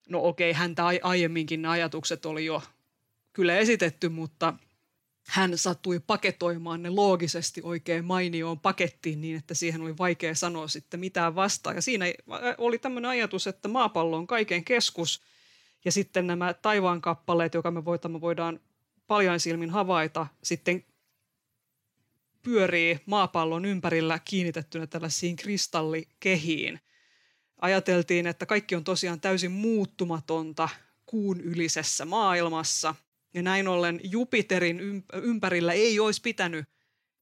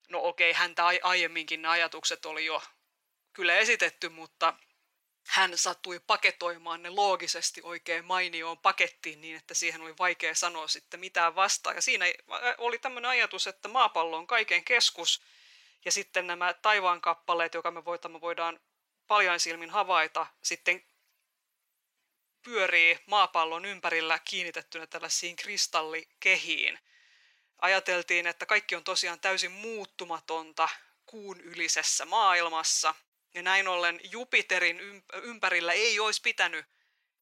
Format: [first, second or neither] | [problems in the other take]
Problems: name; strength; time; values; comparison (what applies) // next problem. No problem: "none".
first | thin; very; fading below 800 Hz